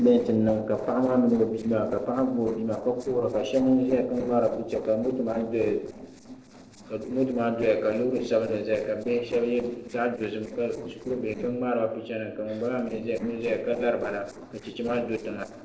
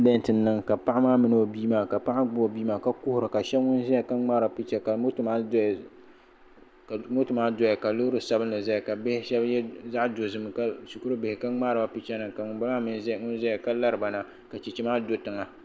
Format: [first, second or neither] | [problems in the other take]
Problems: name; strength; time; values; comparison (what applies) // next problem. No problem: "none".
second | noise reduction (neural separator model SepFormer DNS4)